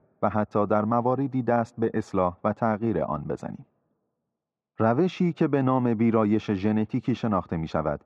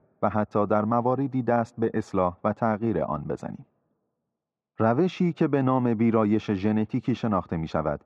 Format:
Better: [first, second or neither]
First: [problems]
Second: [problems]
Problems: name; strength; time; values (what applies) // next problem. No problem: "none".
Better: neither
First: muffled; very; fading above 2 kHz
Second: muffled; very; fading above 2 kHz